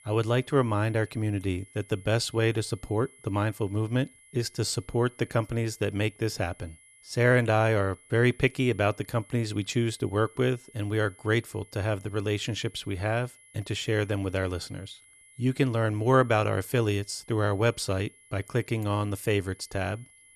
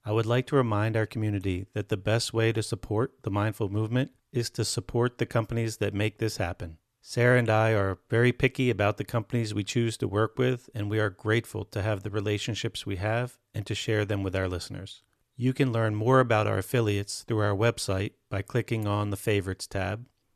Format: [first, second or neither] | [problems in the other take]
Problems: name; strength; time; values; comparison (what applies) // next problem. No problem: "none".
second | high-pitched whine; faint; throughout; 10.5 kHz, 25 dB below the speech